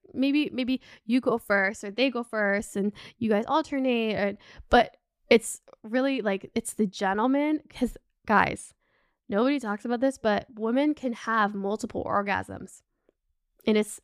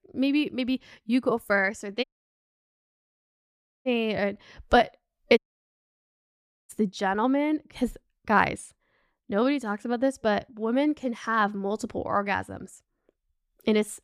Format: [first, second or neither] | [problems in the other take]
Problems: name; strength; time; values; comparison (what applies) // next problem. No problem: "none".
first | audio cutting out; at 2 s for 2 s and at 5.5 s for 1.5 s